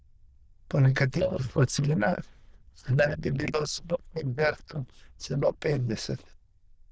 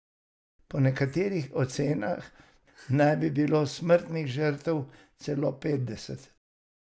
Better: second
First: noise reduction (neural diffusion model UNIVERSE++)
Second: none

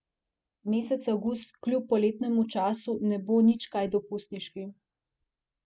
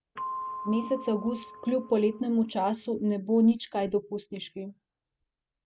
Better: first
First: none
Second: background sound (Percussion); 12 dB below the speech

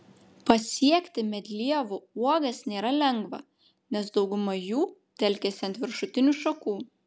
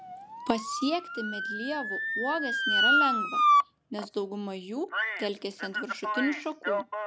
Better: first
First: none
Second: background sound (Motor vehicle (road) / Siren); 4 dB above the speech

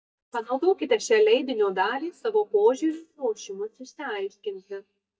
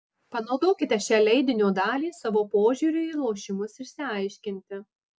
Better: second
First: noise reduction (neural mask model DeepFilterNet 3)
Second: none

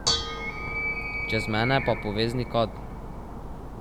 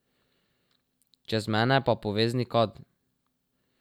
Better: second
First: background sound (Animal + Dishes, pots, and pans / Bell); 2 dB below the speech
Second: none

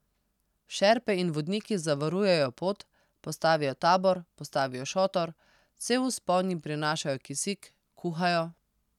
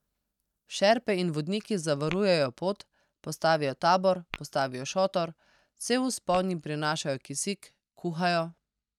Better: first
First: none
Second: noise reduction (neural mask model DeepFilterNet 3)

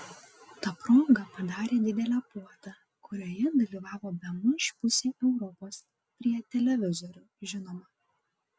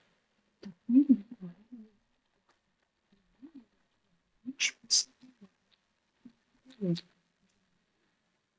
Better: first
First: none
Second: noise reduction (neural mask model DeepFilterNet 3)

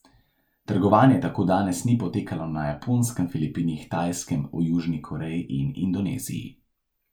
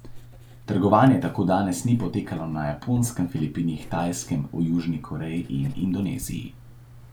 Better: first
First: none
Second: background sound (Writing); 17 dB below the speech

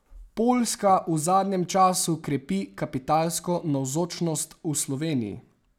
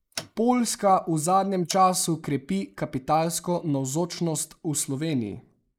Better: first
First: none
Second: noise reduction (neural mask model Resemble Enhance denoiser)

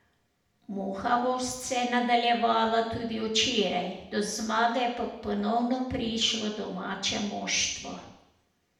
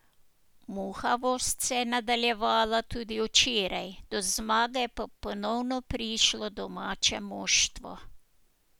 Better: second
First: room echo; dies away in 0.8 s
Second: none

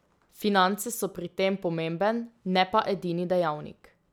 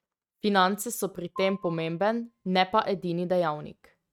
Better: first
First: none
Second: noise reduction (neural mask model RNNoise)

